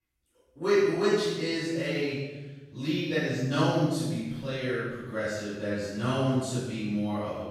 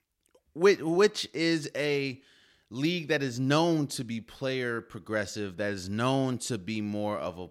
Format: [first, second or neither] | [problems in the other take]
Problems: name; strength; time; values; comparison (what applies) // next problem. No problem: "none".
second | room echo; strong; dies away in 1.2 s // off-mic speech; far